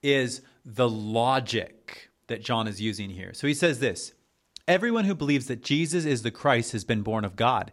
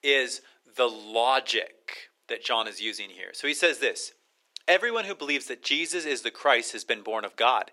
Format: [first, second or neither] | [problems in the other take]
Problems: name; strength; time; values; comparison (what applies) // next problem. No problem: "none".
first | thin; very; fading below 400 Hz